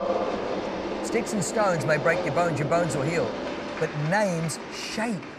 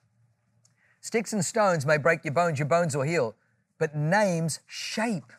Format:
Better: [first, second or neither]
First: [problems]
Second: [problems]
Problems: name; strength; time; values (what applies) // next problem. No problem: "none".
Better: second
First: crowd noise; loud; throughout; 5 dB below the speech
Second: none